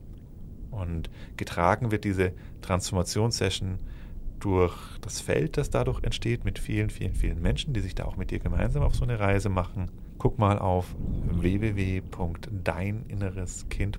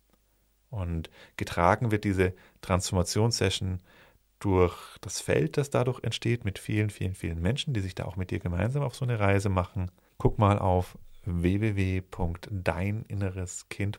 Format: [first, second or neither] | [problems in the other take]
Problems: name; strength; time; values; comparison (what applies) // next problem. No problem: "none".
second | wind noise on the microphone; occasional gusts; 20 dB below the speech